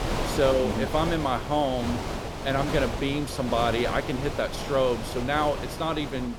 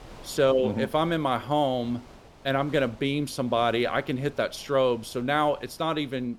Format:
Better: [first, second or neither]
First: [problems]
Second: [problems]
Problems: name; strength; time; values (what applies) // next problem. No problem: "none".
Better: second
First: wind noise on the microphone; heavy; 7 dB below the speech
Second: wind noise on the microphone; occasional gusts; 25 dB below the speech